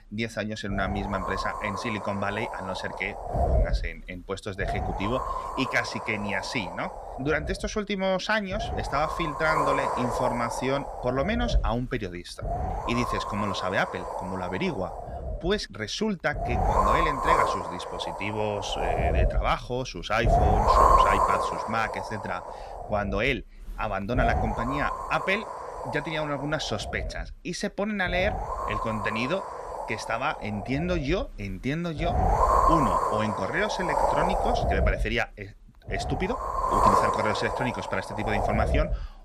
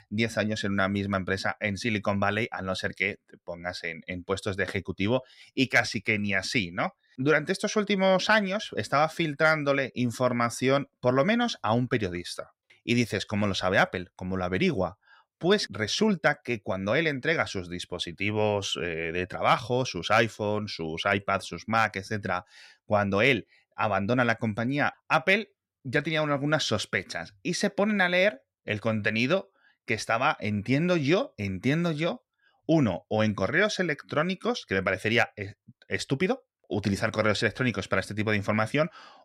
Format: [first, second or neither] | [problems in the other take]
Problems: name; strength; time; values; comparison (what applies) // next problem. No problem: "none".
second | wind noise on the microphone; heavy; 3 dB above the speech